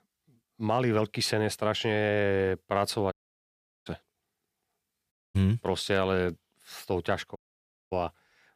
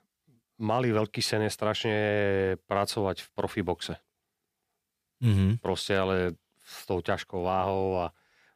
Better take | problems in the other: second | audio cutting out; at 3 s for 0.5 s, at 5 s and at 7.5 s for 0.5 s

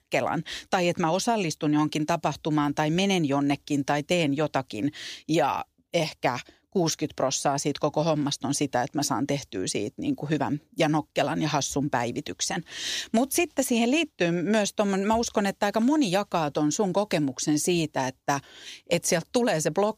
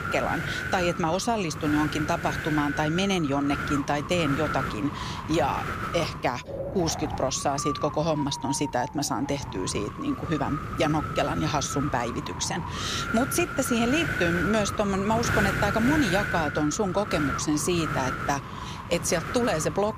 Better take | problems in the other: first | wind noise on the microphone; heavy; 3 dB below the speech

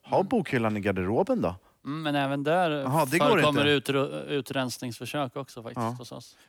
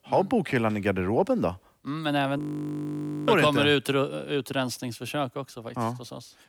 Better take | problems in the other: first | audio freezing; at 2.5 s for 1 s

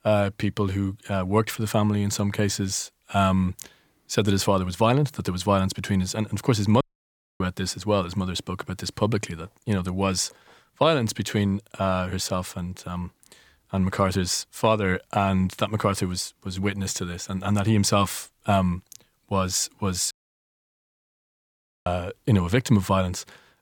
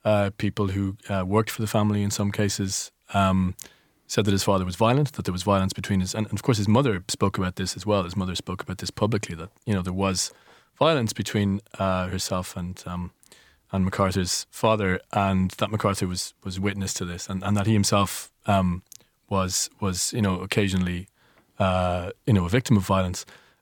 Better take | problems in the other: second | audio cutting out; at 7 s for 0.5 s and at 20 s for 2 s

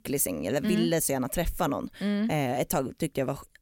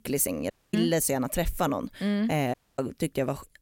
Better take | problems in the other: first | audio cutting out; at 0.5 s and at 2.5 s

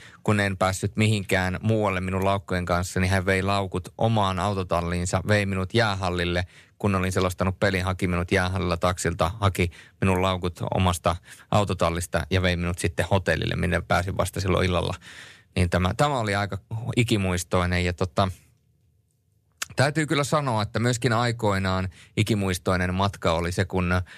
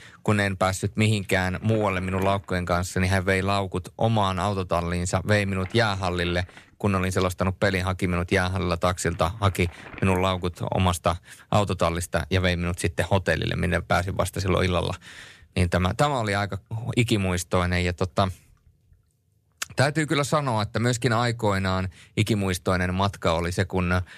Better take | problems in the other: first | household noises; faint; throughout; 20 dB below the speech

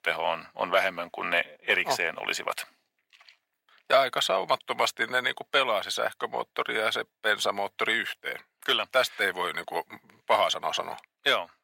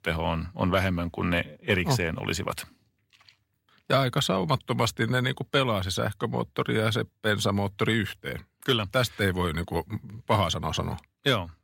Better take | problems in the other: second | thin; very; fading below 500 Hz

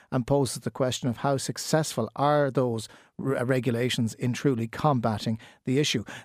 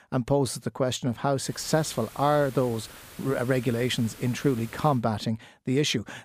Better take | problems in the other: first | hiss; noticeable; from 1.5 to 5 s; 20 dB below the speech

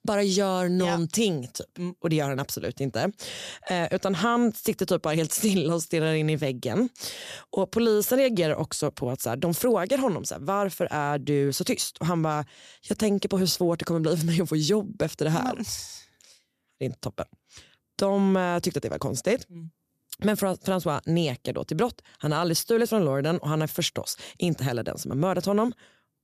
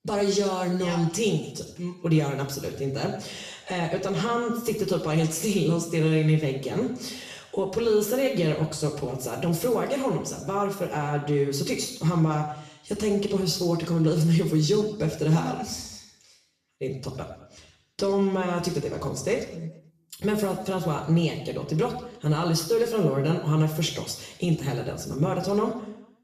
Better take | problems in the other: first | room echo; noticeable; dies away in 0.7 s // off-mic speech; far

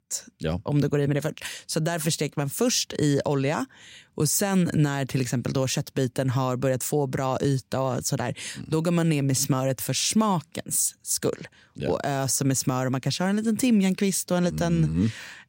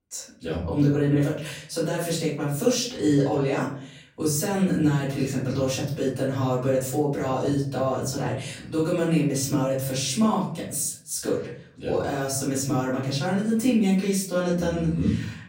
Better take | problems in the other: first | room echo; noticeable; dies away in 0.5 s // off-mic speech; far

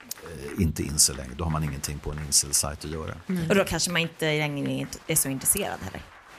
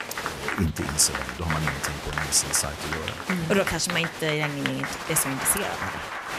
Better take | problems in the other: first | crowd noise; loud; throughout; 5 dB below the speech; faint in the first

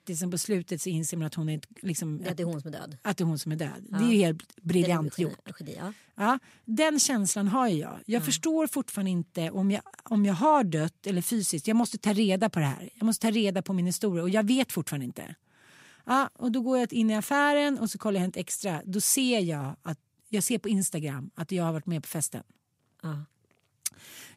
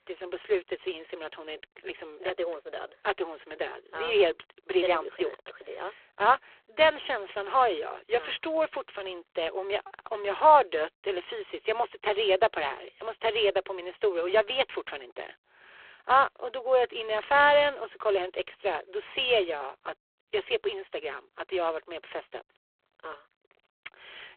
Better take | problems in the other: first | phone-call audio; poor line

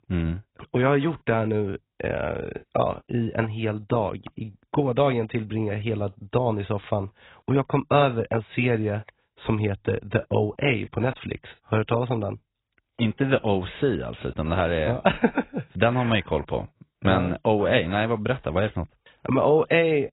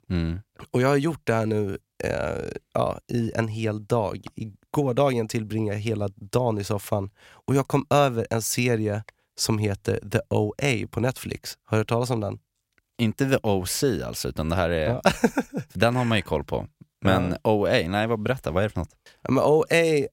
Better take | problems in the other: second | garbled, watery; badly; nothing above 4 kHz

